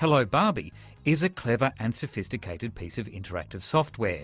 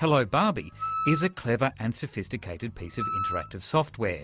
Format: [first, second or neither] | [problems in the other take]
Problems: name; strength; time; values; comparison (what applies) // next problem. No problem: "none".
first | background sound (Wind instrument, woodwind instrument); 7 dB below the speech